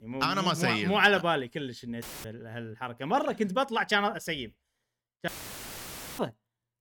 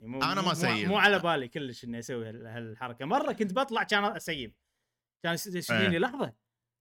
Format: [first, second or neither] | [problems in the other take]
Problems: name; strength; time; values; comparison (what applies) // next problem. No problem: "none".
second | audio cutting out; filled with static; at 2 s and at 5.5 s for 1 s